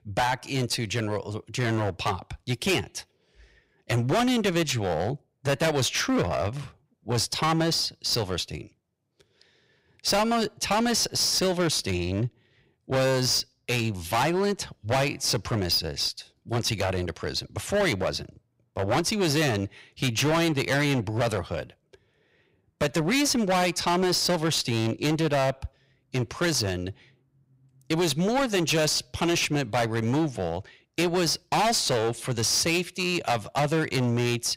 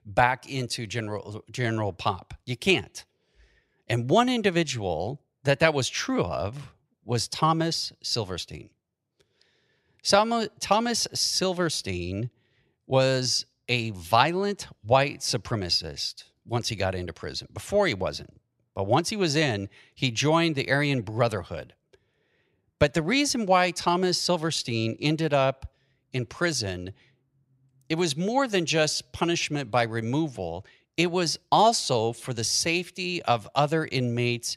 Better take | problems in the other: second | distortion; heavy; 16% of the sound clipped

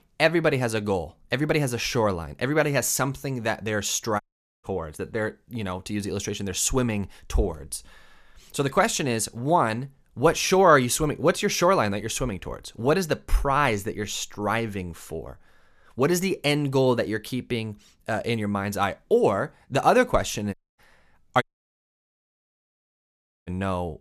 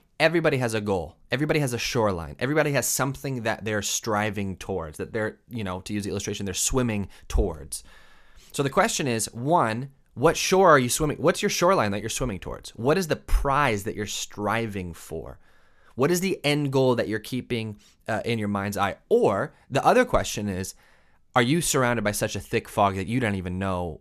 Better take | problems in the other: second | audio cutting out; at 4 s and at 21 s for 2 s

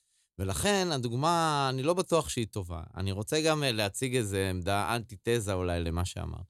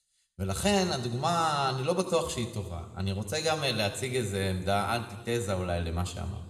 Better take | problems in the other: first | room echo; slight; dies away in 1.7 s

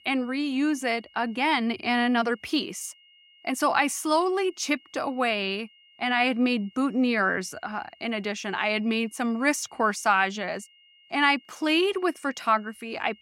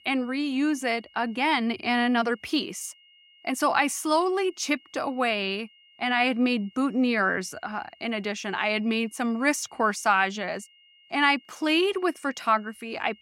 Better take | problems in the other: neither | high-pitched whine; faint; throughout; 3 kHz, 30 dB below the speech; the same in both

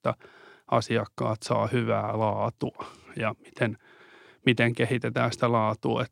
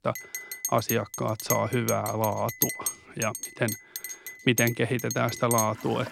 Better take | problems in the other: first | household noises; loud; throughout; 5 dB below the speech

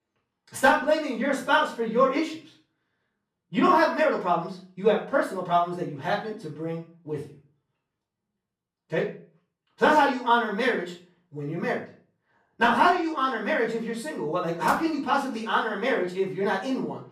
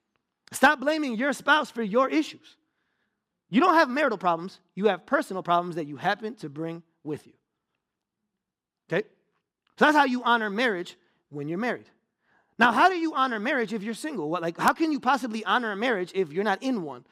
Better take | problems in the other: second | off-mic speech; far // room echo; slight; dies away in 0.4 s

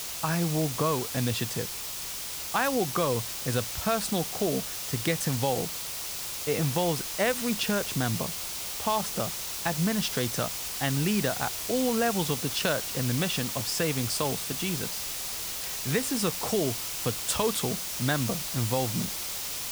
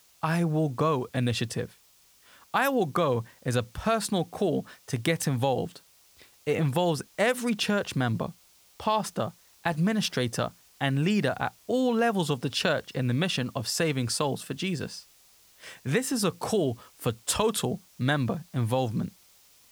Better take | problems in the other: second | hiss; loud; throughout; 2 dB below the speech; faint in the second

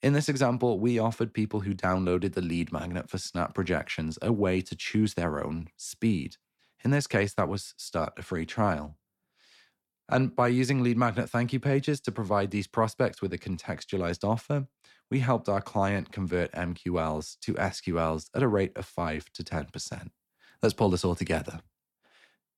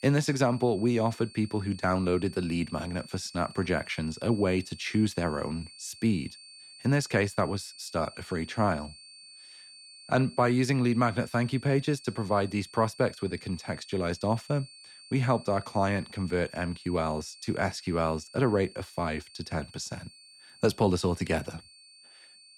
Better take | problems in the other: first | high-pitched whine; noticeable; throughout; 4.5 kHz, 20 dB below the speech

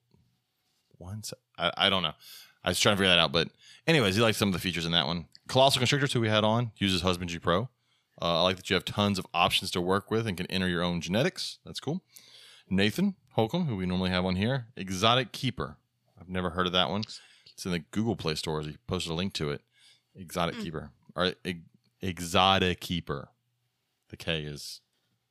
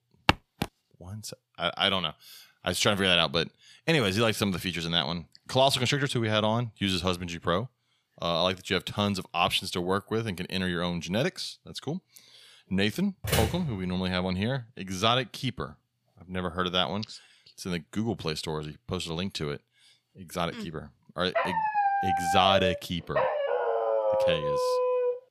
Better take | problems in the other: first | footsteps; very faint; at 0.5 s; peak 2 dB above the speech // door banging; loud; at 13 s; peak level with the speech // dog barking; loud; from 21 s on; peak 3 dB above the speech

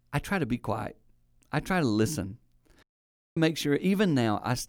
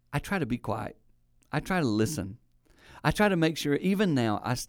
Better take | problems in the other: second | audio cutting out; at 3 s for 0.5 s

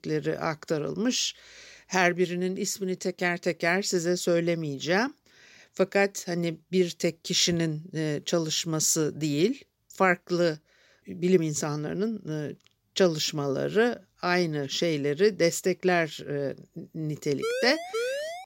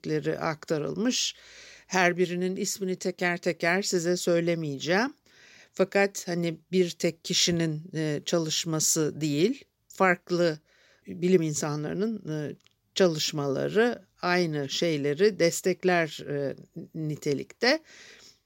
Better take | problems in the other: second | siren; noticeable; from 17 s on; peak 3 dB below the speech

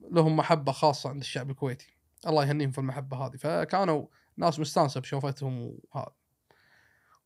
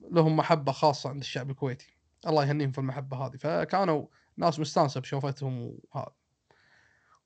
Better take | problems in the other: first | garbled, watery; slightly; nothing above 7.5 kHz

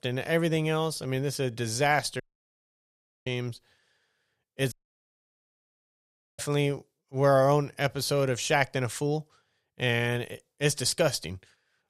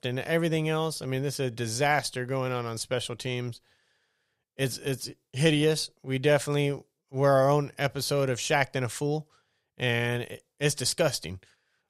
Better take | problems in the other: second | audio cutting out; at 2 s for 1 s and at 4.5 s for 1.5 s

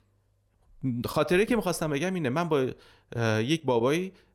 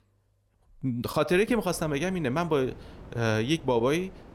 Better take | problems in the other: first | wind noise on the microphone; occasional gusts; from 1.5 s on; 25 dB below the speech

